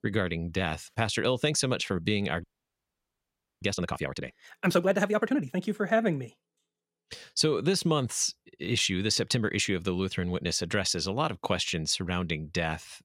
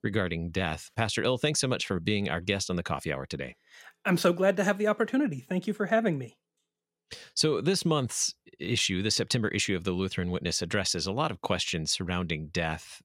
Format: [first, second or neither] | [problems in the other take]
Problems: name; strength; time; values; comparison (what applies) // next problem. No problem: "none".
second | audio freezing; at 2.5 s for 1 s